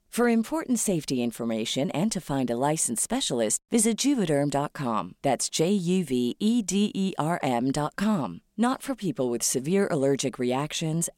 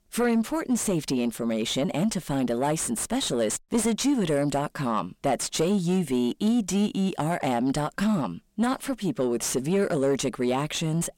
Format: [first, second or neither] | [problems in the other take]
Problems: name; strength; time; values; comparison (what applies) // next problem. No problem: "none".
first | distortion; slight; 10 dB below the speech